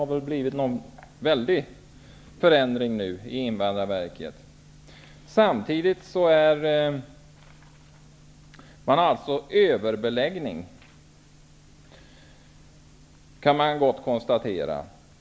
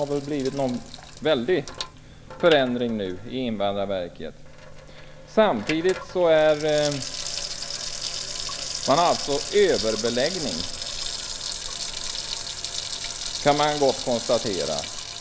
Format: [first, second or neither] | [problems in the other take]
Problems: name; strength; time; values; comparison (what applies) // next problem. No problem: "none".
first | background sound (Sink (filling or washing) / Water tap, faucet); 8 dB below the speech